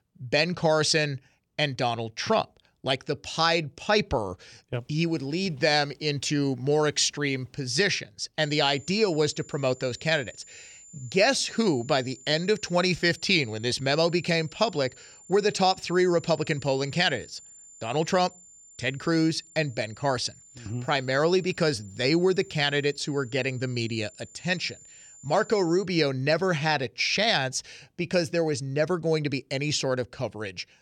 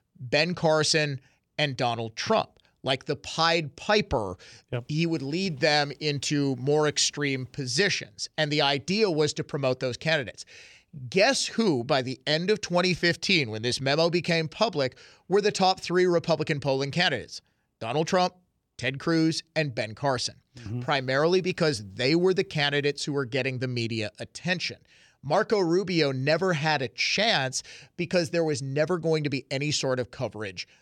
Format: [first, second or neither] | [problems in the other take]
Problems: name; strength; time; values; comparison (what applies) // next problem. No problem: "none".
second | high-pitched whine; faint; from 8.5 to 26 s; 7 kHz, 20 dB below the speech